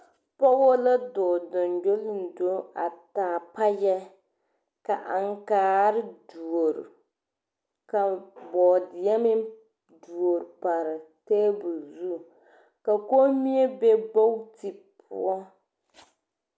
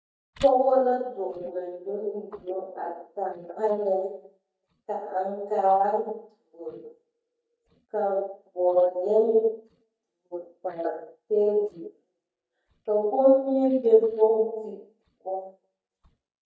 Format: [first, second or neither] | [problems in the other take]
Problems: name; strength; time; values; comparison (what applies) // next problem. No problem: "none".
first | noise reduction (neural mask model DeepFilterNet 3)